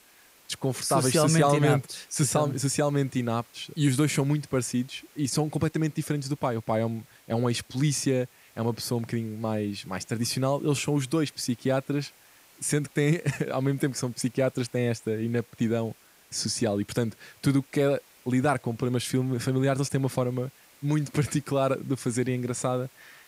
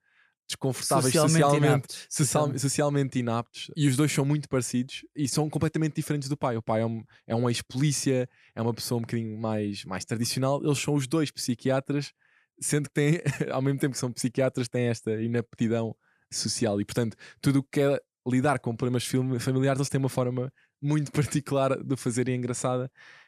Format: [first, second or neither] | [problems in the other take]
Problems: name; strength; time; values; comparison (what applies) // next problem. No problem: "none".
second | hiss; faint; throughout; 25 dB below the speech